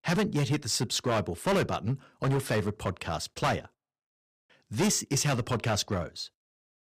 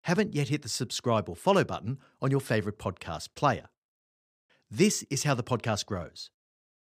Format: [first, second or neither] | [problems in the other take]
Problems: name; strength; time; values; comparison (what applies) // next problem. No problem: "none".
second | distortion; heavy; 9% of the sound clipped